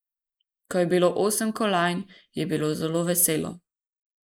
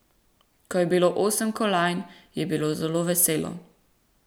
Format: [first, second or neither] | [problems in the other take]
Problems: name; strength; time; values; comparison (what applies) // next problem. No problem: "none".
second | noise reduction (neural mask model Resemble Enhance denoiser)